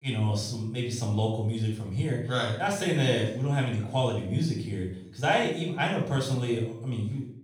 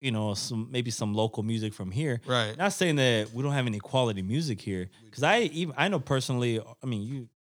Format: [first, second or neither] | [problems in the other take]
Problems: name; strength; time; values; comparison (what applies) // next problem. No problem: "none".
second | off-mic speech; far // room echo; noticeable; dies away in 0.6 s